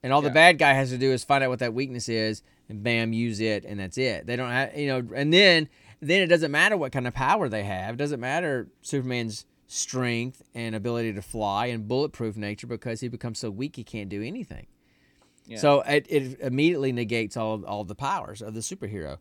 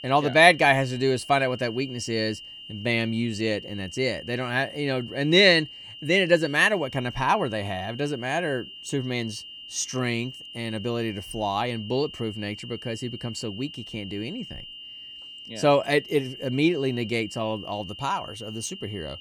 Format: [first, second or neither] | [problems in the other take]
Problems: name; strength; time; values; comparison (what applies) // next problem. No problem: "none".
first | high-pitched whine; noticeable; throughout; 3 kHz, 15 dB below the speech